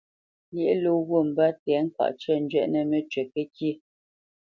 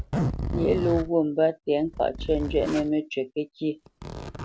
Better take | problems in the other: first | background sound (Zipper (clothing)); 6 dB below the speech

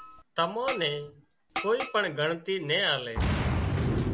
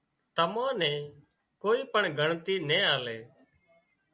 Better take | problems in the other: second | background sound (Boom); 1 dB below the speech

